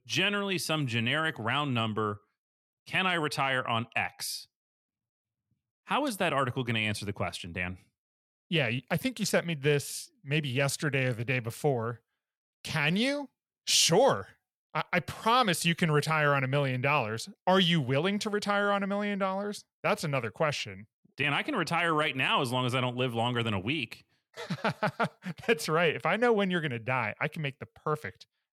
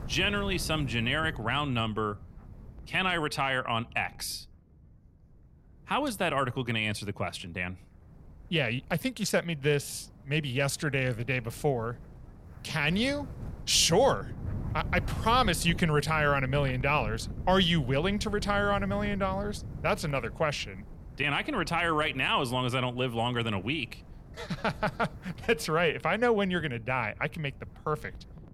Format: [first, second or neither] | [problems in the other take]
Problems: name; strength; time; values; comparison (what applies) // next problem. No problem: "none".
first | wind noise on the microphone; occasional gusts; 25 dB below the speech